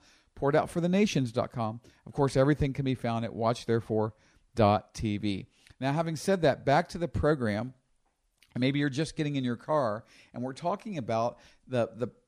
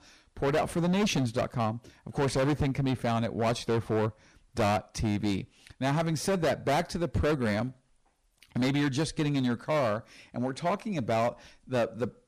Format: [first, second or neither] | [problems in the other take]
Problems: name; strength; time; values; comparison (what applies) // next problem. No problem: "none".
first | distortion; heavy; 14% of the sound clipped